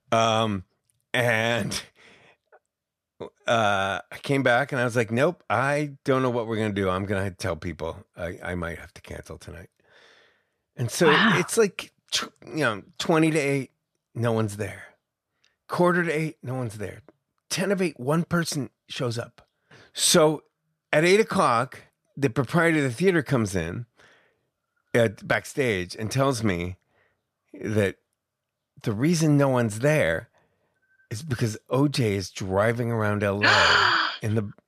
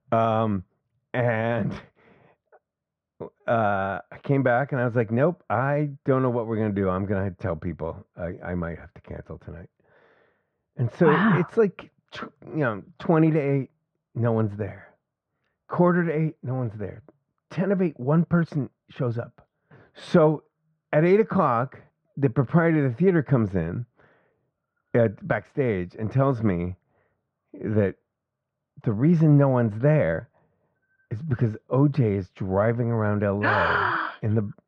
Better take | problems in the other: first | muffled; very; fading above 1.5 kHz

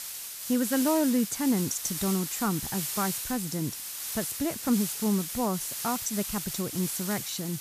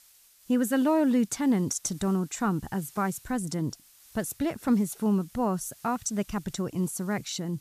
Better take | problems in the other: second | hiss; loud; throughout; 3 dB below the speech; faint in the second

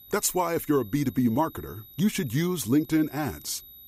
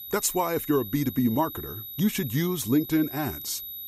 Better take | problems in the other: first | high-pitched whine; loud; throughout; 12 kHz, 10 dB below the speech; faint in the first

